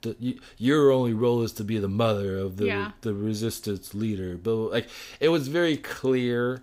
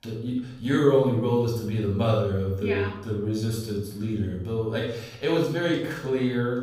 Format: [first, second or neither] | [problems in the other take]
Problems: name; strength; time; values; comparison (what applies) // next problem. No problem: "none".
first | off-mic speech; somewhat distant // room echo; noticeable; dies away in 0.7 s